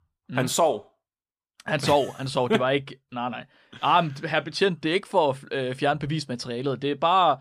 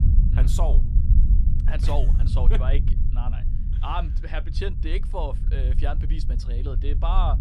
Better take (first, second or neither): first